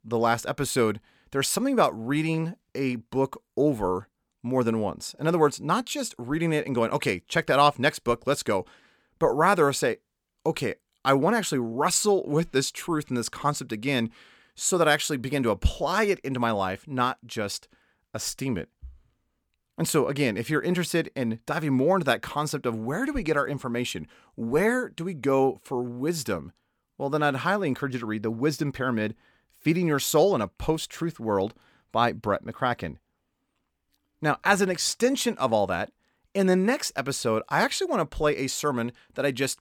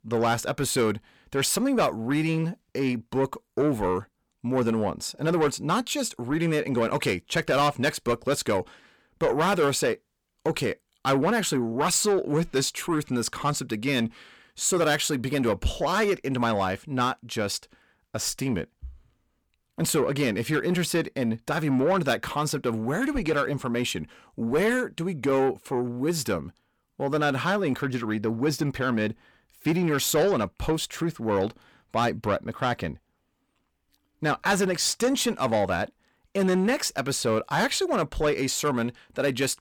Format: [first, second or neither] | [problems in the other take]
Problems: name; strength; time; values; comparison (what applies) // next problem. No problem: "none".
first | distortion; slight; 10 dB below the speech